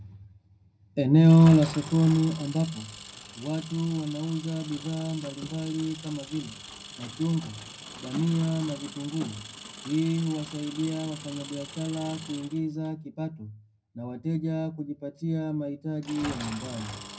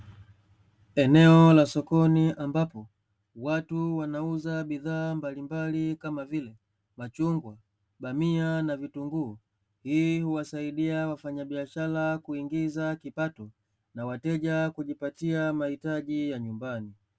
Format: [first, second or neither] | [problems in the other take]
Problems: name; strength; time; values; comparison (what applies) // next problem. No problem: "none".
second | background sound (Engine); 15 dB below the speech // room echo; dies away in 0.4 s